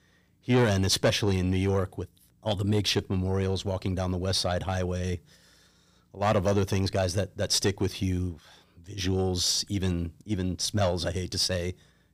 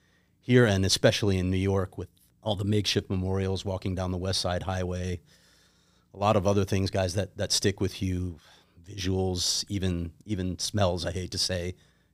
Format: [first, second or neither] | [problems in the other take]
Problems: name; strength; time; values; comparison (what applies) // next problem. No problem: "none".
second | distortion; slight; 10 dB below the speech